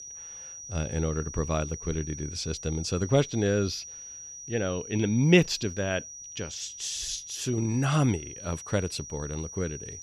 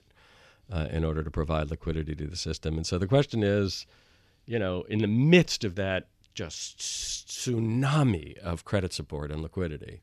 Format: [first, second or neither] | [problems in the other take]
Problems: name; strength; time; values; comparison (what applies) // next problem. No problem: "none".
second | high-pitched whine; noticeable; throughout; 6 kHz, 10 dB below the speech